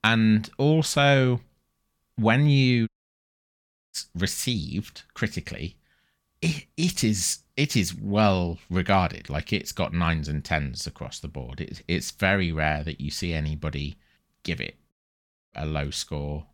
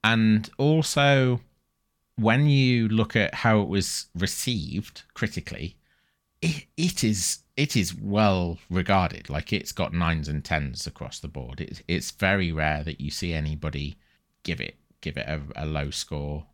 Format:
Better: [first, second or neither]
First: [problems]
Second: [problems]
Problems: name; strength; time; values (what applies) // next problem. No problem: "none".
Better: second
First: audio cutting out; at 3 s for 1 s and at 15 s for 0.5 s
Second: none